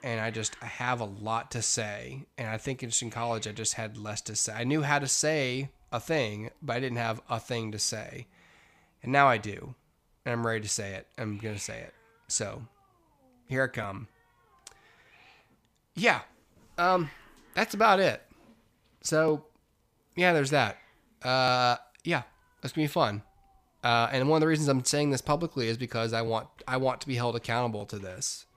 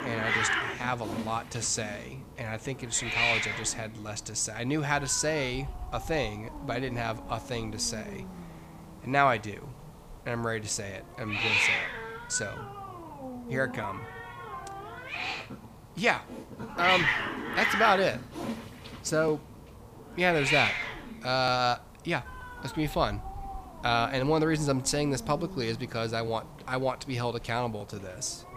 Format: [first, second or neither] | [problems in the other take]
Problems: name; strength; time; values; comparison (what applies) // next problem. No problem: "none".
first | hiss; loud; throughout; 2 dB below the speech; faint in the first